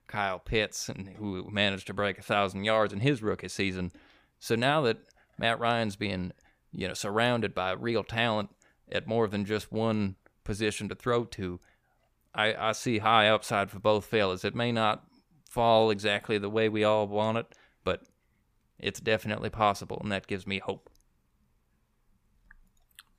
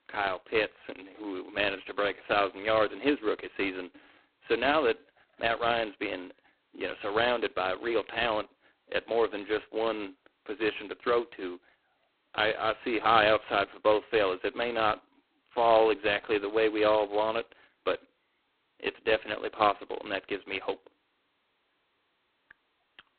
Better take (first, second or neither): first